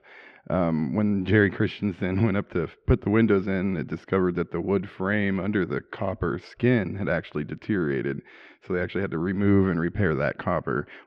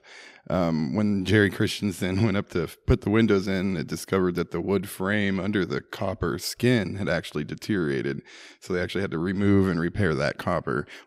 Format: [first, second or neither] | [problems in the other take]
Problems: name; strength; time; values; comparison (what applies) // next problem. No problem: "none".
second | muffled; very; fading above 2.5 kHz